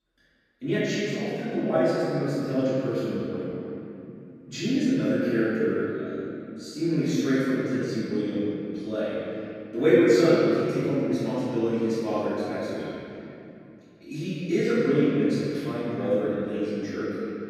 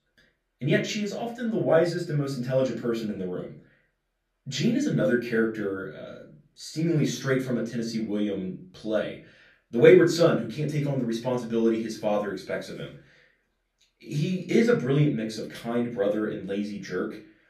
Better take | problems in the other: second | room echo; strong; dies away in 2.7 s; slight in the second // off-mic speech; far; far in the second

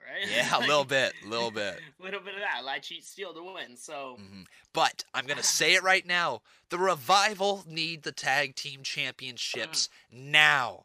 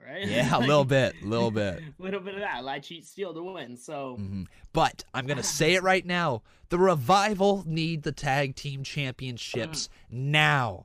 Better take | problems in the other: second | thin; somewhat; fading below 1 kHz

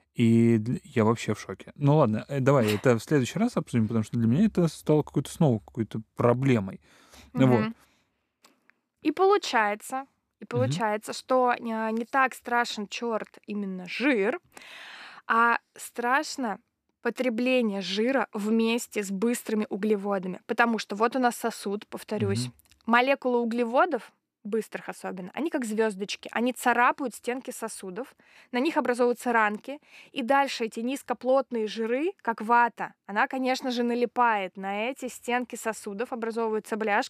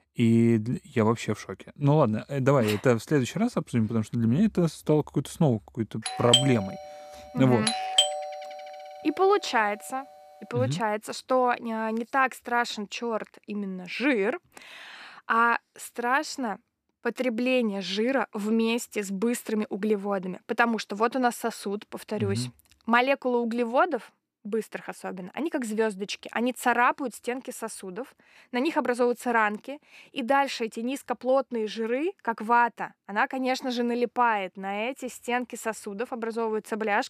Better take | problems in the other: first | doorbell; loud; from 6 to 8 s; peak 5 dB above the speech

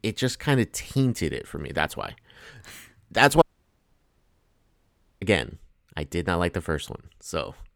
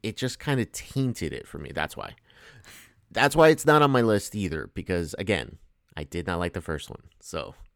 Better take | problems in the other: second | audio cutting out; at 3.5 s for 2 s

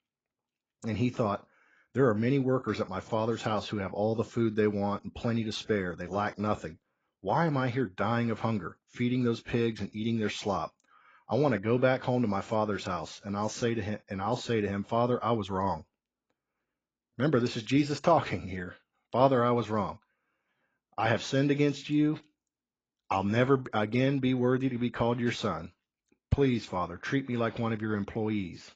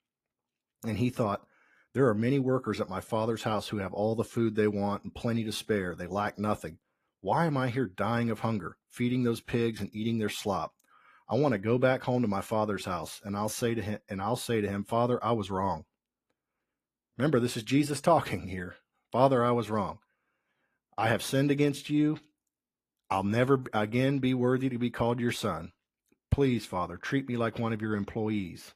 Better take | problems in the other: second | garbled, watery; badly; nothing above 7.5 kHz; slightly in the second

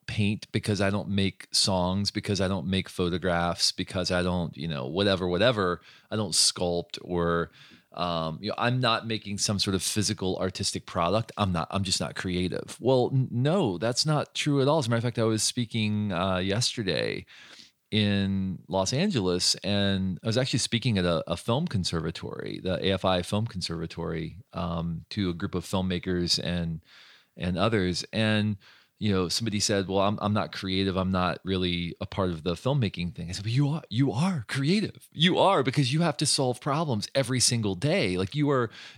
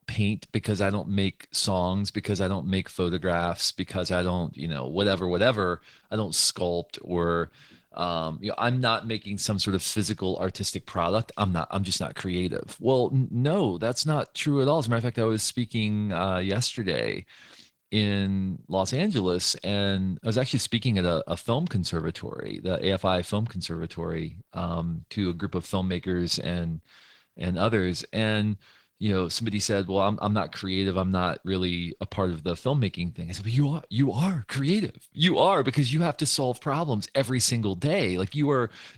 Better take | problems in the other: first | garbled, watery; slightly

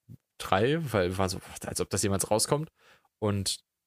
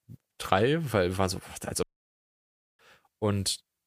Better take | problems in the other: first | audio cutting out; at 2 s for 1 s

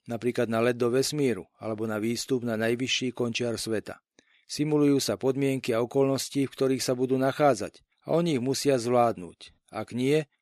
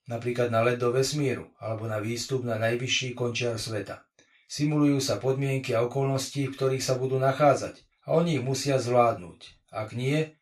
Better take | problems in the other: first | room echo; very slight; dies away in 0.2 s // off-mic speech; far

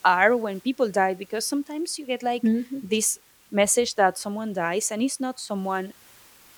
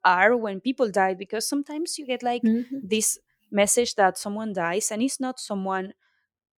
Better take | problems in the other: second | hiss; faint; throughout; 30 dB below the speech

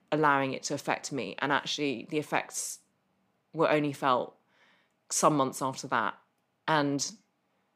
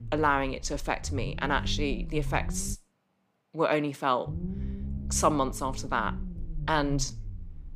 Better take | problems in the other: first | low rumble; noticeable; until 2.5 s and from 4.5 s on; 20 dB below the speech

